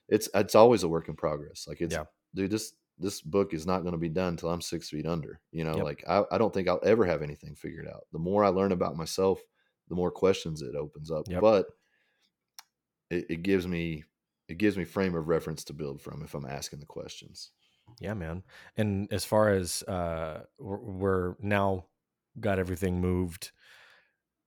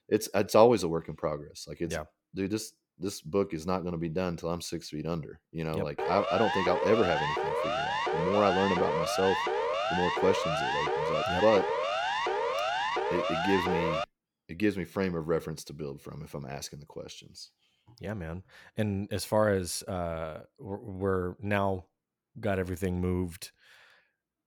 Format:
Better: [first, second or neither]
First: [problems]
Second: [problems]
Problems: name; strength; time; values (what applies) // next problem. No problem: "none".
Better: first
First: none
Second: siren; loud; from 6 to 14 s; peak 1 dB above the speech